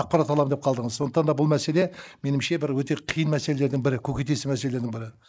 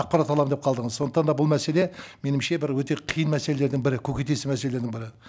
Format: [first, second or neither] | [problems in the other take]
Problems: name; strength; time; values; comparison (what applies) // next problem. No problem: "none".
second | noise reduction (neural mask model Resemble Enhance denoiser)